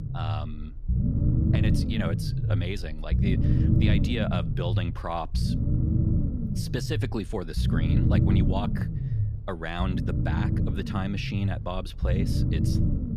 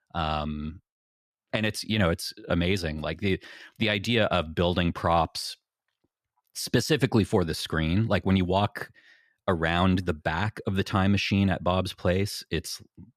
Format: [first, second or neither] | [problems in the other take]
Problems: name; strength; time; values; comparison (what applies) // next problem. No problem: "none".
second | low rumble; loud; throughout; 2 dB below the speech